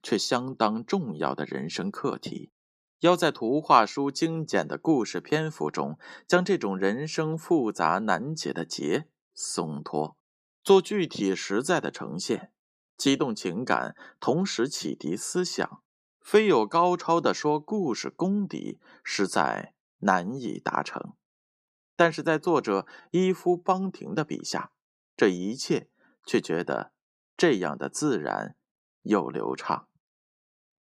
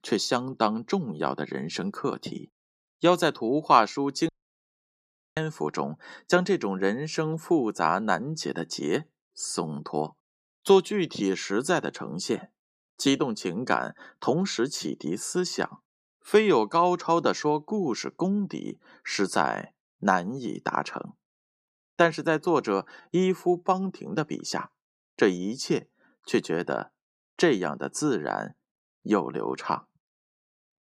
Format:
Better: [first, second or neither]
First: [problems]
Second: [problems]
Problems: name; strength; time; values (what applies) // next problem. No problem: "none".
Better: first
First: none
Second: audio cutting out; at 4.5 s for 1 s